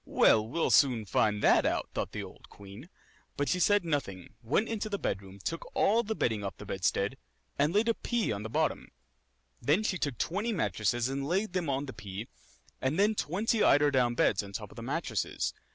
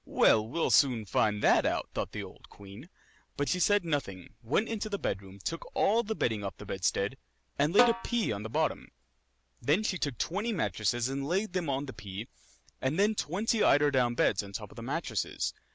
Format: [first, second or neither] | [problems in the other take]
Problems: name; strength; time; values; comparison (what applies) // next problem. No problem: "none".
first | background sound (Snare drum); 3 dB below the speech